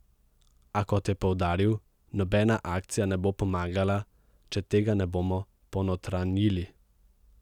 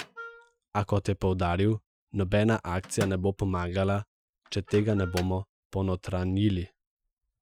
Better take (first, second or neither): first